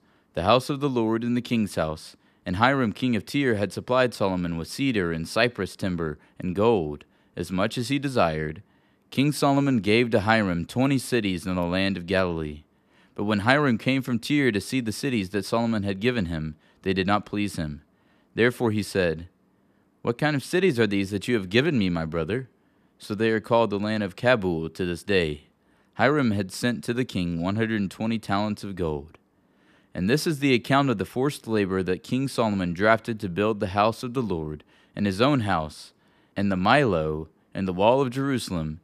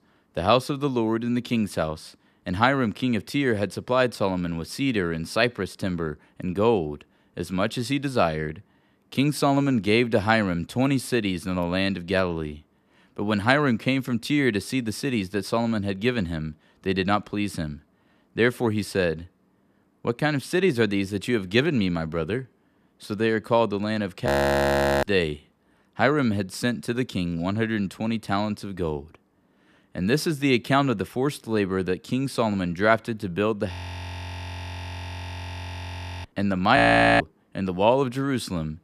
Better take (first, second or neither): first